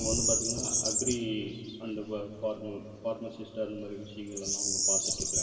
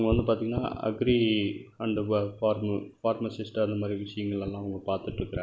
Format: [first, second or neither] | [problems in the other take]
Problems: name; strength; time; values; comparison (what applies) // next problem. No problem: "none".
second | background sound (Bird vocalization, bird call, bird song); 2 dB above the speech // room echo; dies away in 2.2 s